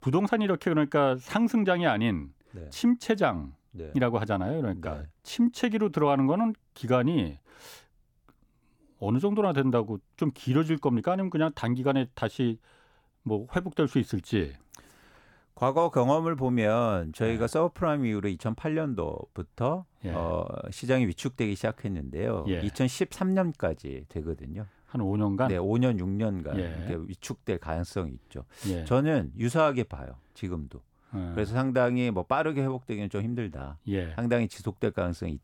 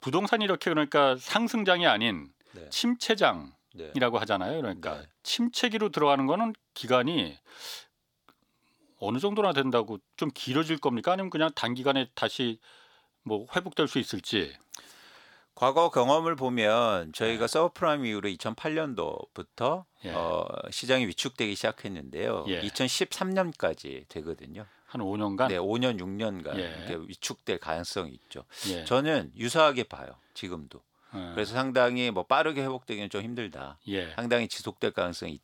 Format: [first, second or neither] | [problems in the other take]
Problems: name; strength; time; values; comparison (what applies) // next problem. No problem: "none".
first | thin; very slightly; fading below 1 kHz